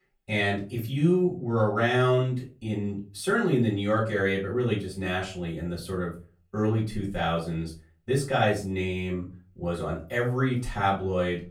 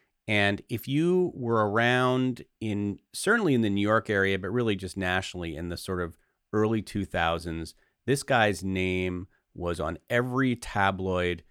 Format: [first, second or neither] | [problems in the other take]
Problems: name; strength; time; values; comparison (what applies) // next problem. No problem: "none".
second | off-mic speech; far // room echo; slight; dies away in 0.3 s